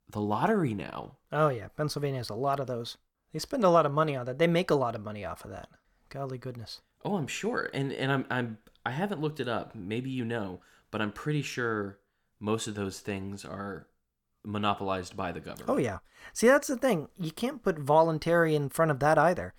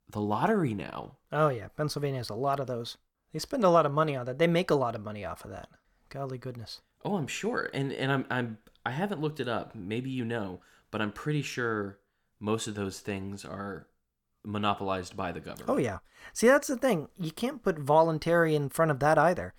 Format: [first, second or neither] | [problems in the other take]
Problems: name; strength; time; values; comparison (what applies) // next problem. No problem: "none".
neither | none